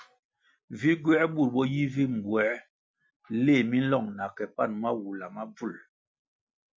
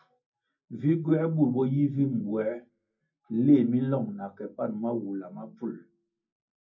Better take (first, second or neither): first